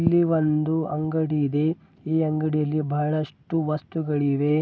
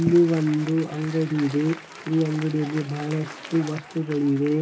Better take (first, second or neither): first